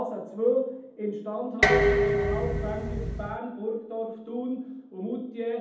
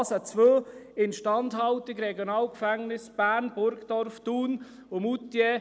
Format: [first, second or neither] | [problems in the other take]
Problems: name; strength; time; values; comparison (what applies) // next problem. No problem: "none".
second | background sound (Dishes, pots, and pans); 5 dB above the speech // room echo; dies away in 0.8 s